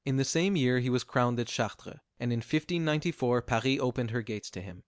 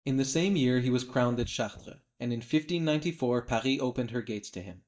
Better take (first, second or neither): first